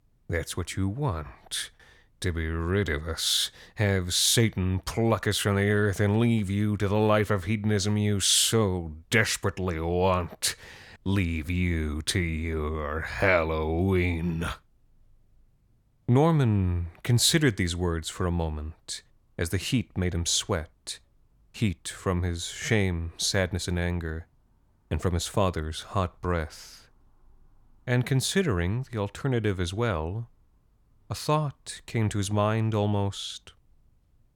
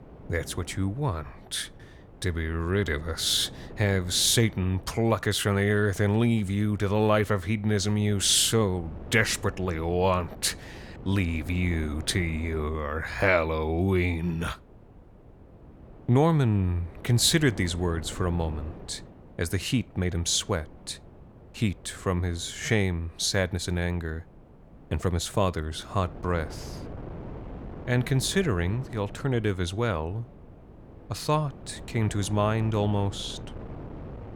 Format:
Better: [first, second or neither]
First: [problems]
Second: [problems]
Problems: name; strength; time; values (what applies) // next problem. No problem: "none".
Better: first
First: none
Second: wind noise on the microphone; occasional gusts; 20 dB below the speech